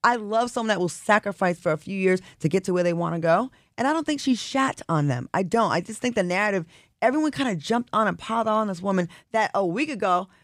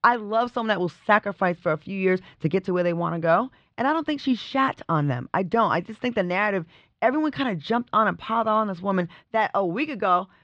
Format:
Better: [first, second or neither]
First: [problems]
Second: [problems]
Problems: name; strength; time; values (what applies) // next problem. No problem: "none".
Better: first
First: none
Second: muffled; slightly; fading above 4 kHz